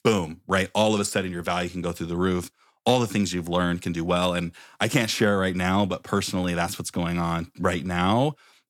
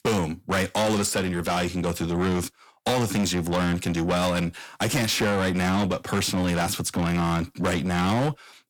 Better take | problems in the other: first | distortion; heavy; 7 dB below the speech

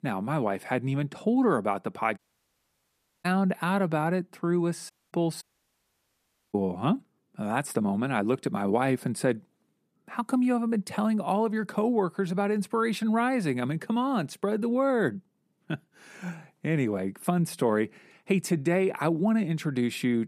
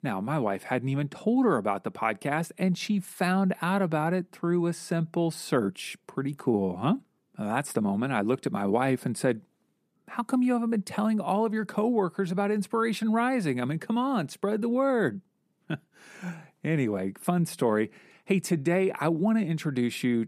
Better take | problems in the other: second | audio cutting out; at 2 s for 1 s, at 5 s and at 5.5 s for 1 s

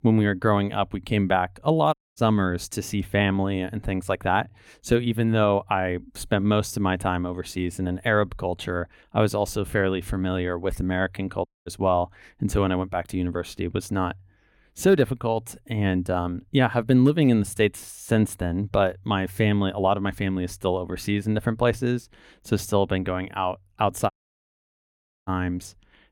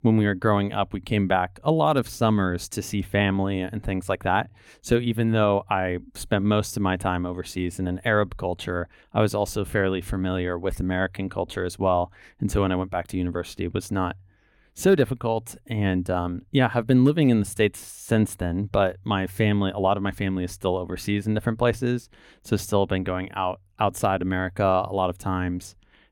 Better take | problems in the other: second | audio cutting out; at 2 s, at 11 s and at 24 s for 1 s

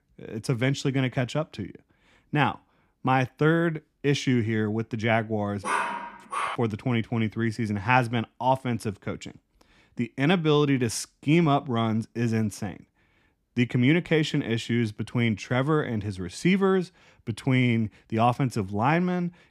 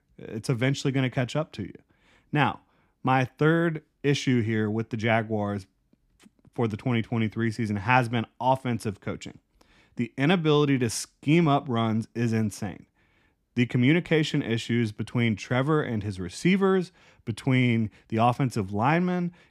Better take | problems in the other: second | dog barking; noticeable; at 5.5 s; peak 2 dB below the speech

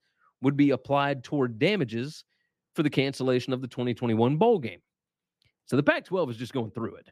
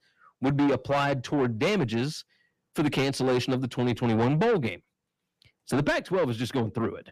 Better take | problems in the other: first | distortion; heavy; 6 dB below the speech

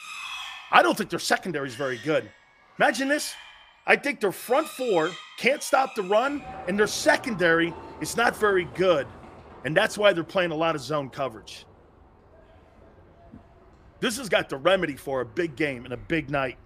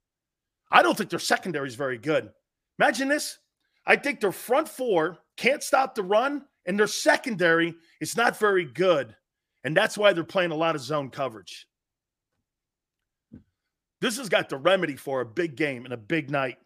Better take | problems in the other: second | animal sounds; noticeable; throughout; 20 dB below the speech

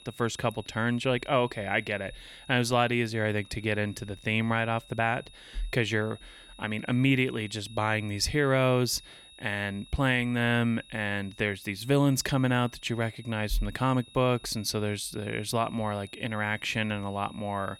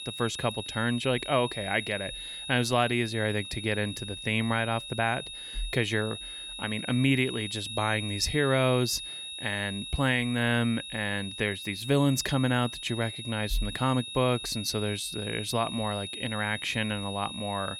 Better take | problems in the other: first | high-pitched whine; loud; throughout; 3.5 kHz, 8 dB below the speech; faint in the first

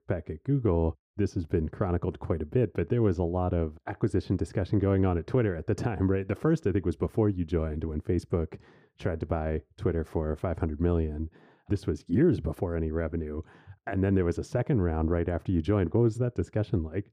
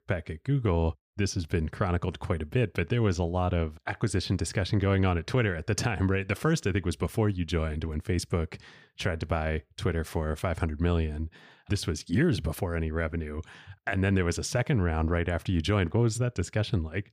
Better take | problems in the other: second | muffled; slightly; fading above 1.5 kHz

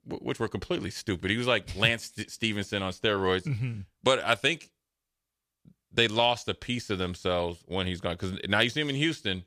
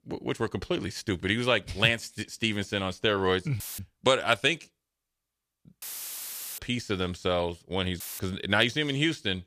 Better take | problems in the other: first | audio cutting out; filled with static; at 3.5 s, at 6 s for 1 s and at 8 s

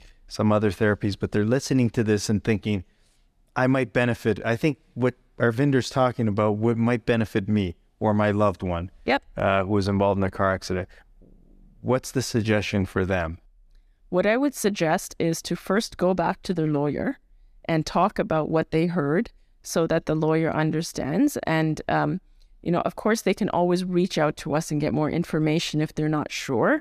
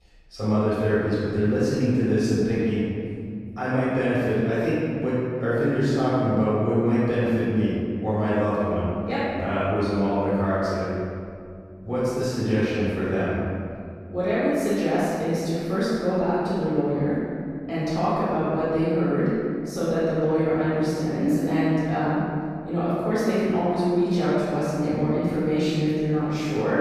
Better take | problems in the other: first | off-mic speech; far // room echo; strong; dies away in 2.4 s

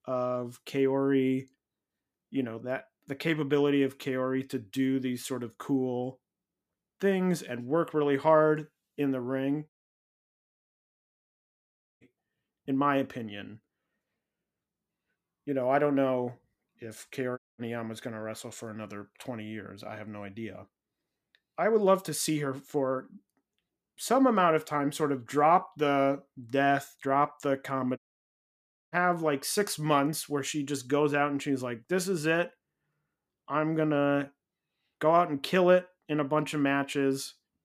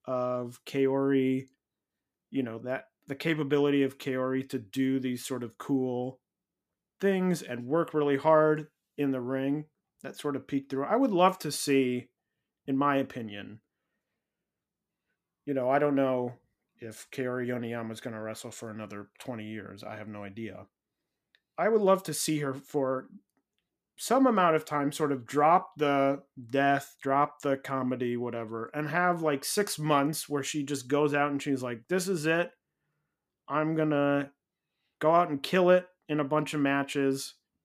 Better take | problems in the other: second | audio cutting out; at 9.5 s for 2.5 s, at 17 s and at 28 s for 1 s

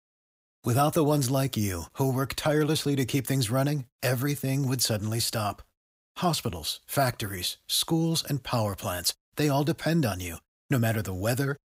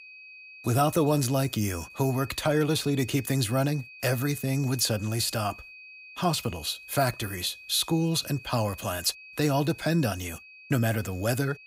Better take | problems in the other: first | high-pitched whine; noticeable; throughout; 2.5 kHz, 20 dB below the speech

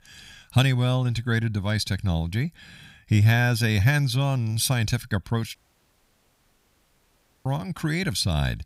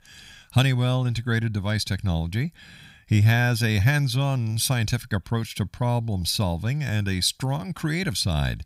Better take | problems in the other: second | audio cutting out; at 5.5 s for 2 s

